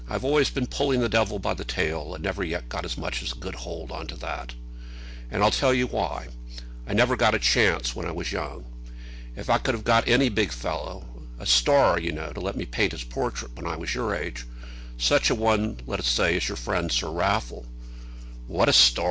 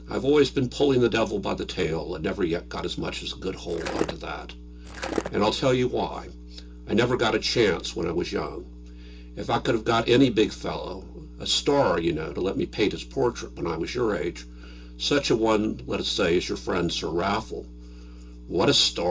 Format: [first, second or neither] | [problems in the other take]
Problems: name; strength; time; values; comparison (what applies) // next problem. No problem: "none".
first | background sound (Skateboard); 5 dB below the speech // room echo; dies away in 0.2 s